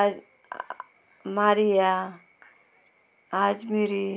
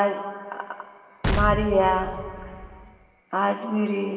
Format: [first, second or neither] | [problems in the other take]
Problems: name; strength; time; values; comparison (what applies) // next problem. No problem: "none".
first | background sound (Explosion); 3 dB below the speech // room echo; dies away in 2.8 s